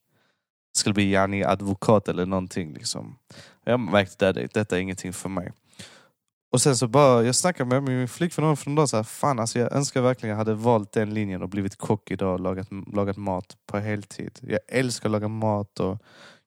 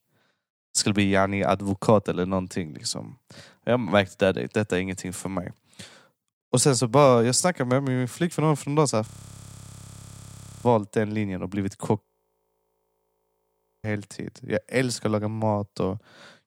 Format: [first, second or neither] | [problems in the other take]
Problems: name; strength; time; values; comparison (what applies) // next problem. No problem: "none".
first | audio freezing; at 9 s for 1.5 s and at 12 s for 2 s